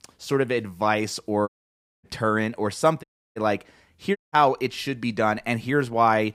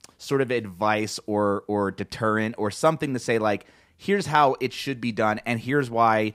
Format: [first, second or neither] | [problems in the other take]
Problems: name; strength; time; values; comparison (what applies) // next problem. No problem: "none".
second | audio cutting out; at 1.5 s for 0.5 s, at 3 s and at 4 s